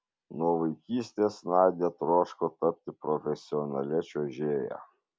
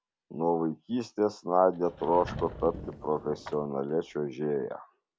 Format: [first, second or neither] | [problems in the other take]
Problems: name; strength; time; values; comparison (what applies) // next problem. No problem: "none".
first | background sound (Sliding door / Wood); 13 dB below the speech